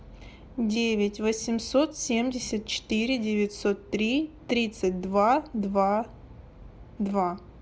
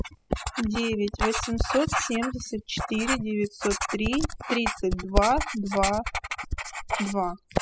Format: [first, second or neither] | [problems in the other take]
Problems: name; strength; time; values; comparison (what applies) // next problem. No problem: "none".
first | noise reduction (classical method spectral subtraction)